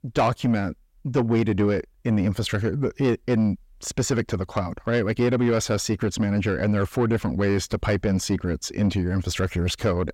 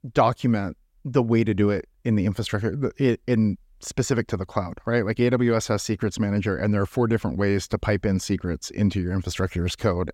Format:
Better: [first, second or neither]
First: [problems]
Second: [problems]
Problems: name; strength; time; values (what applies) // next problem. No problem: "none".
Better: second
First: distortion; slight; 10 dB below the speech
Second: none